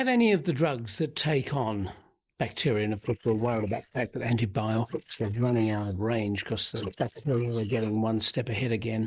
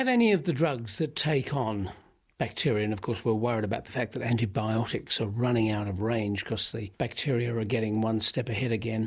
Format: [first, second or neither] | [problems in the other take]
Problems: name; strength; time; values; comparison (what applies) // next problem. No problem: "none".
second | noise reduction (neural mask model Resemble Enhance denoiser)